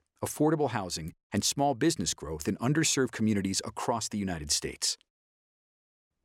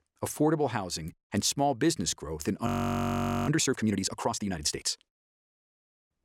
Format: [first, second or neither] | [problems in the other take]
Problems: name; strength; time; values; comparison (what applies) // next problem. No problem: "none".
first | audio freezing; at 2.5 s for 1 s